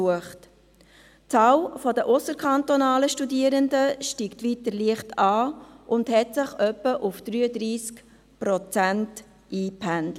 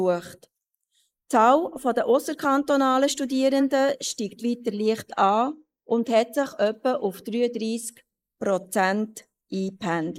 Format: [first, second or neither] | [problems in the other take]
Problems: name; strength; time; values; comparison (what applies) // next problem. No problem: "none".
first | noise reduction (neural mask model Resemble Enhance denoiser)